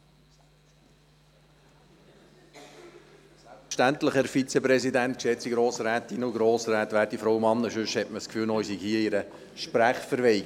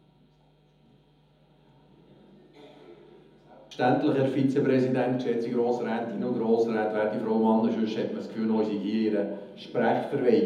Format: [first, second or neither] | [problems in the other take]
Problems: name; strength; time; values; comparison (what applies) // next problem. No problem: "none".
first | room echo; dies away in 1 s